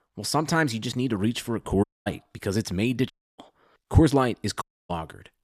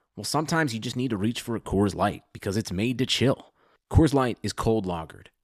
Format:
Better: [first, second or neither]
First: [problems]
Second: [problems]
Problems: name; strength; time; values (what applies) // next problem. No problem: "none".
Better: second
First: audio cutting out; at 2 s, at 3 s and at 4.5 s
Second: none